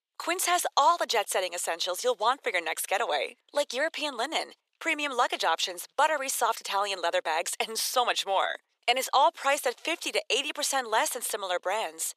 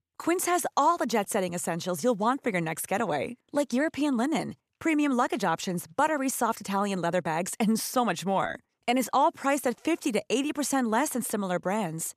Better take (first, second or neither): second